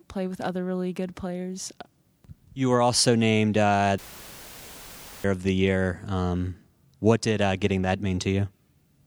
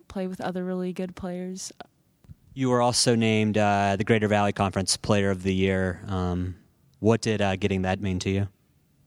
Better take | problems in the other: second | audio cutting out; filled with static; at 4 s for 1.5 s

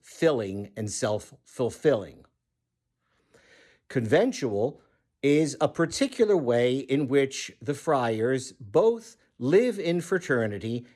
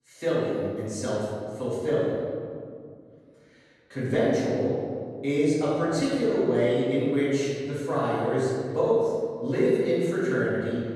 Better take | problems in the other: first | off-mic speech; far // room echo; strong; dies away in 2.1 s

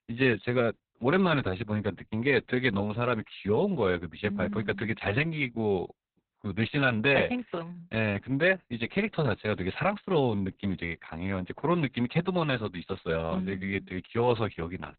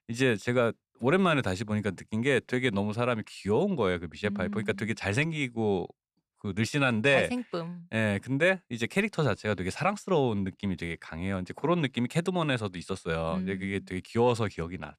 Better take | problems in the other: second | garbled, watery; badly; nothing above 4 kHz

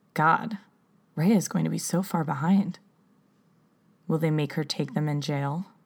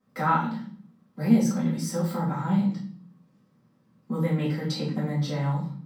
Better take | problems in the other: first | off-mic speech; far // room echo; noticeable; dies away in 0.6 s

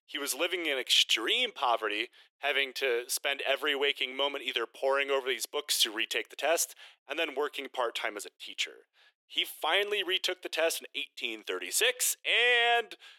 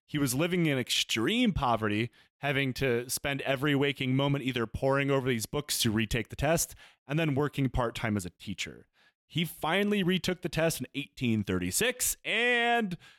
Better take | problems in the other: second | thin; very; fading below 400 Hz

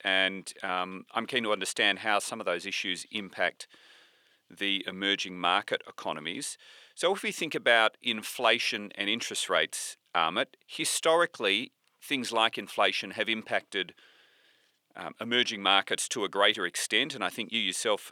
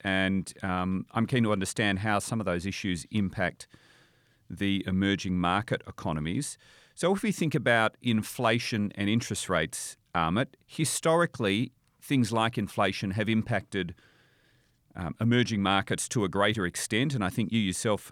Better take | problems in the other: second | thin; somewhat; fading below 450 Hz

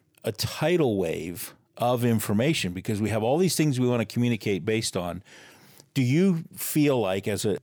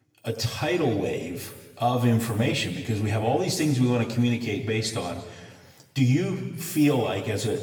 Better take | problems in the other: first | room echo; noticeable; dies away in 1.2 s // off-mic speech; far

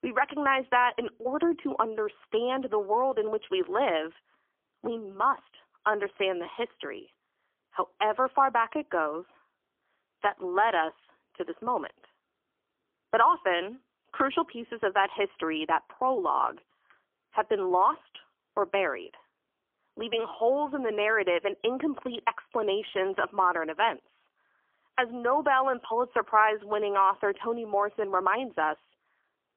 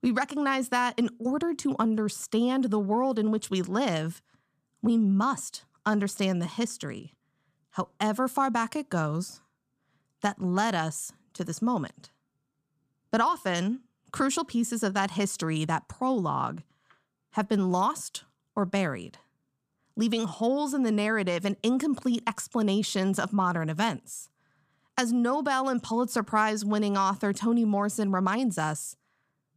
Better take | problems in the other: second | phone-call audio; poor line; nothing above 3.5 kHz

